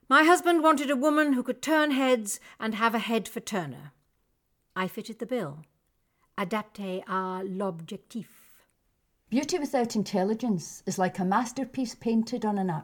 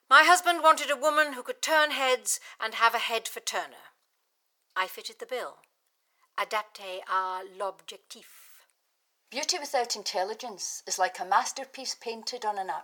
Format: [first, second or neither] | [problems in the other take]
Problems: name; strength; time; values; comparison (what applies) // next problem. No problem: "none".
first | thin; very; fading below 600 Hz